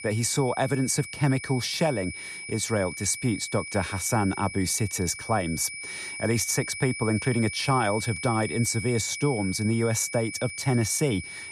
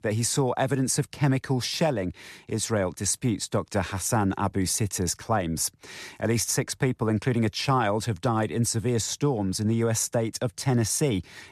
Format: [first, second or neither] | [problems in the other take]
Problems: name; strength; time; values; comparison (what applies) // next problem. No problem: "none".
second | high-pitched whine; loud; throughout; 2.5 kHz, 9 dB below the speech